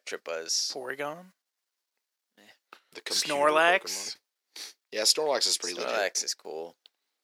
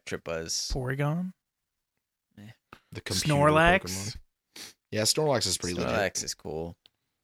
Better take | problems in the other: second | thin; very; fading below 400 Hz

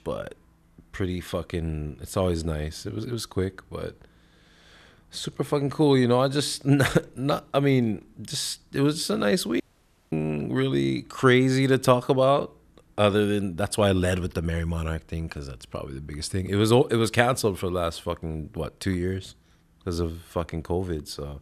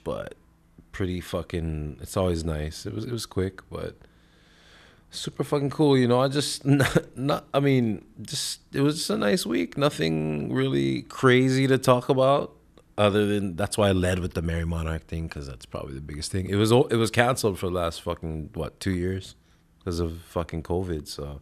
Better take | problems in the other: second | audio cutting out; at 9.5 s for 0.5 s

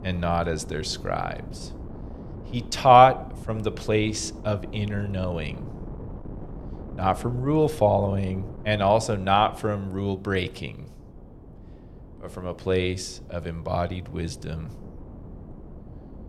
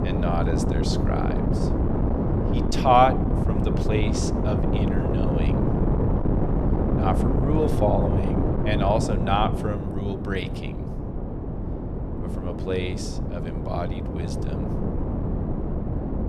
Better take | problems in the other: first | wind noise on the microphone; heavy; 6 dB below the speech; occasional gusts in the first

